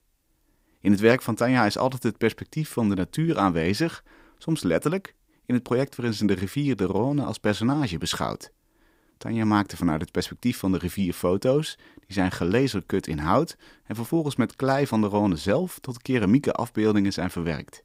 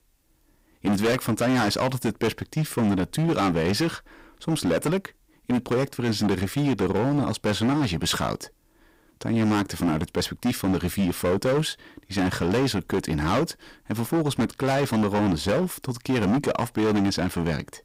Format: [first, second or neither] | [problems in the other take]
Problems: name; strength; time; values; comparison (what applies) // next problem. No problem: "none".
first | distortion; heavy; 17% of the sound clipped